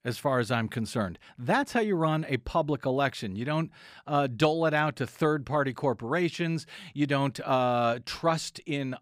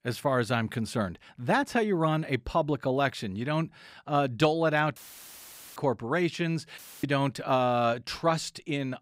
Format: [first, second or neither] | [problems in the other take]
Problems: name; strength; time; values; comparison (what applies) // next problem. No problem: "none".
first | audio cutting out; filled with static; at 5 s for 1 s and at 7 s